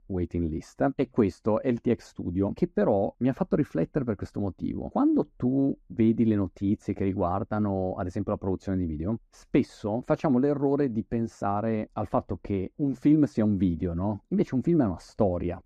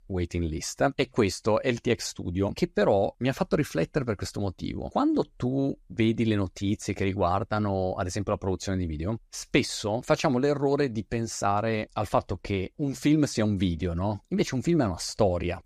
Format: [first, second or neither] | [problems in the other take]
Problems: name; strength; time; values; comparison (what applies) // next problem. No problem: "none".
second | muffled; very; fading above 2 kHz